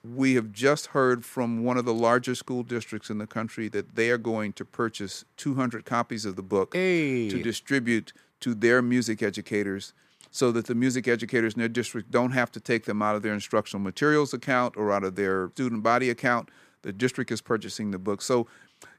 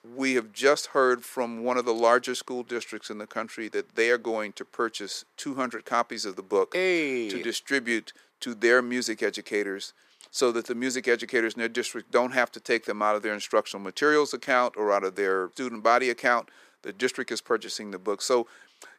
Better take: first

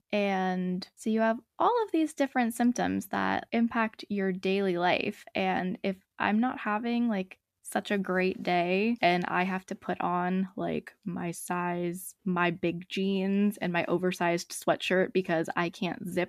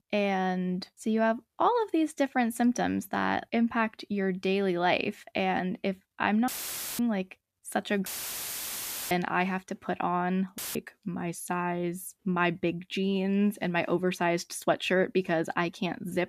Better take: first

